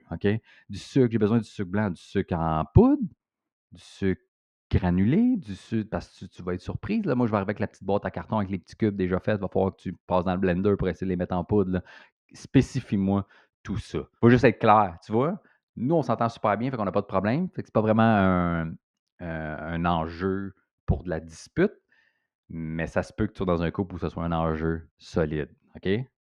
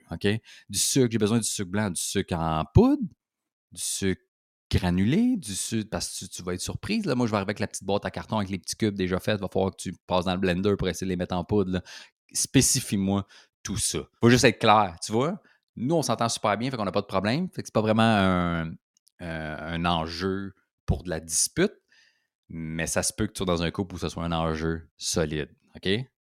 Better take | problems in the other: second | muffled; very; fading above 2 kHz

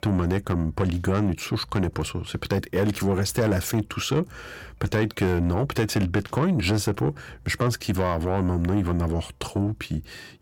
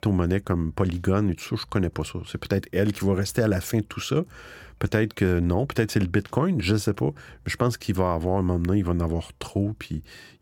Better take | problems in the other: second | distortion; slight; 9 dB below the speech

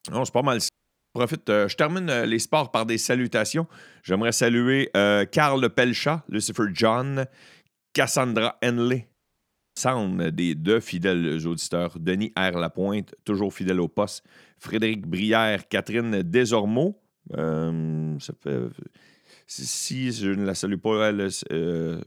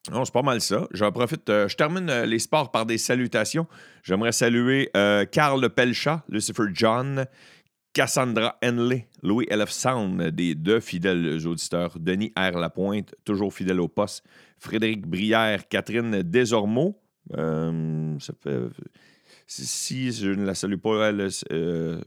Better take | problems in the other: second | audio cutting out; at 0.5 s and at 9 s for 0.5 s

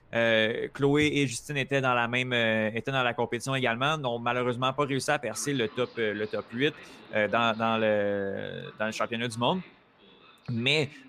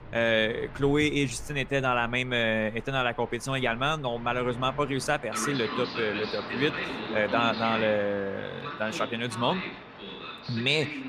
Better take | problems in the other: first | train or aircraft noise; loud; throughout; 9 dB below the speech; faint in the first

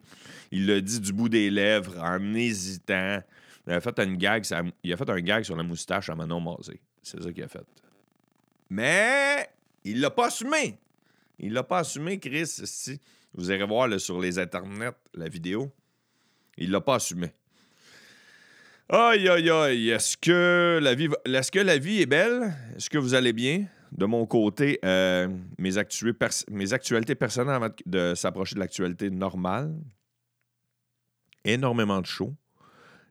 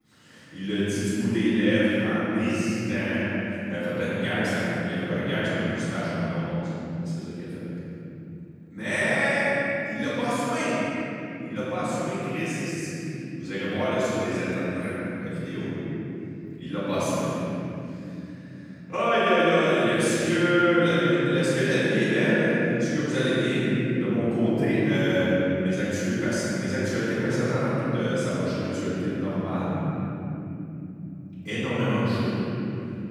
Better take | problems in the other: first | room echo; strong; dies away in 3 s // off-mic speech; far

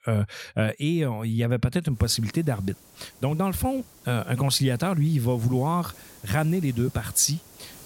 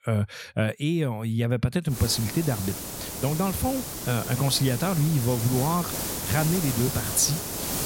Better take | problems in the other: first | hiss; loud; from 2 s on; 5 dB below the speech; faint in the first

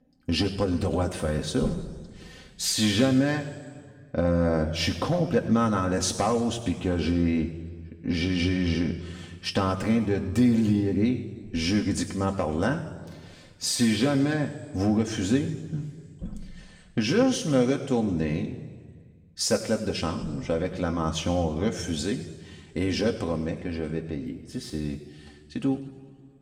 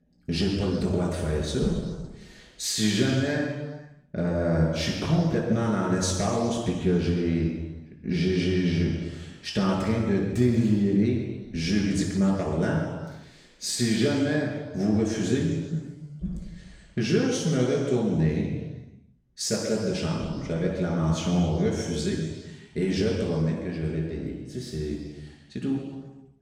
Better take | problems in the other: first | room echo; strong; dies away in 1.3 s; slight in the first // off-mic speech; far; somewhat distant in the first

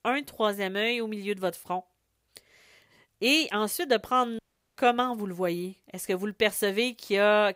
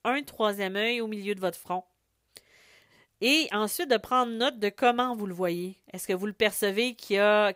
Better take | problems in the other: second | audio cutting out; at 4.5 s

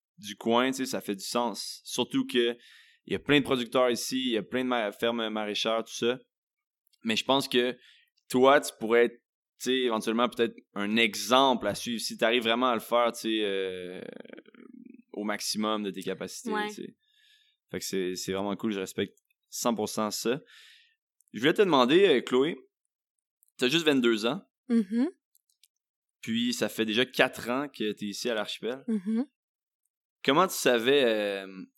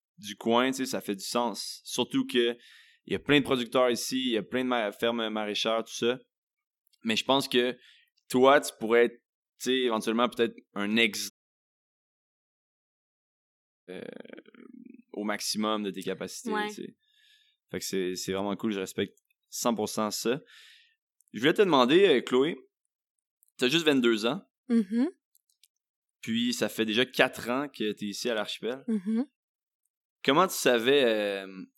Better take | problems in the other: first | audio cutting out; at 11 s for 2.5 s

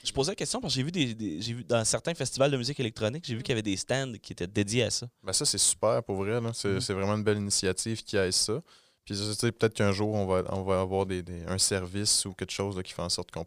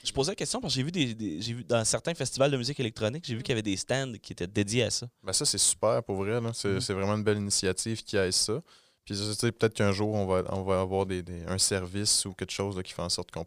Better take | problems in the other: neither | none

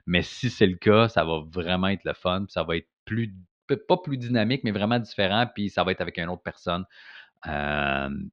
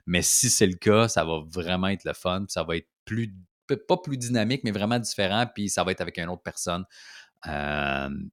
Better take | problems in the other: second | muffled; very; fading above 4 kHz

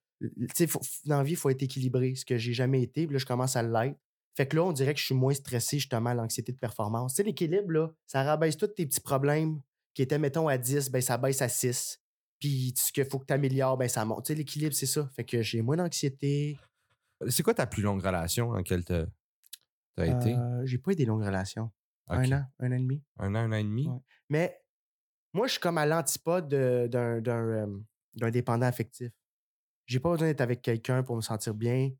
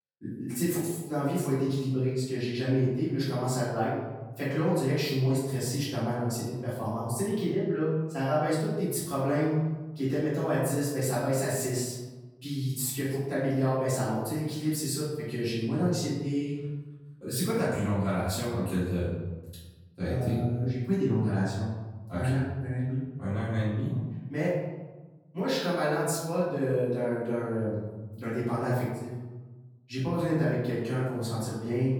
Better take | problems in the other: first | room echo; noticeable; dies away in 1.1 s // off-mic speech; far

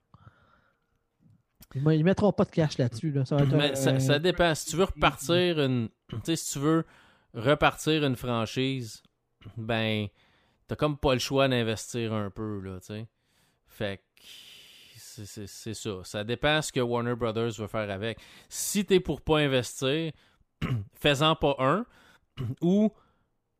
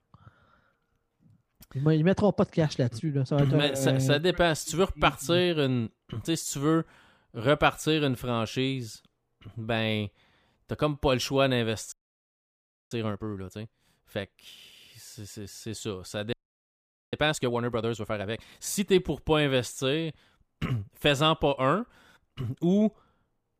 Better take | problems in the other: first | audio freezing; at 12 s for 1 s and at 16 s for 1 s

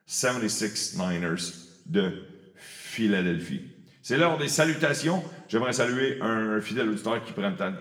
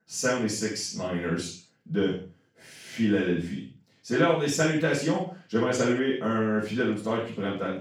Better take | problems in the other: first | room echo; strong; dies away in 0.4 s; slight in the first // off-mic speech; far; somewhat distant in the first

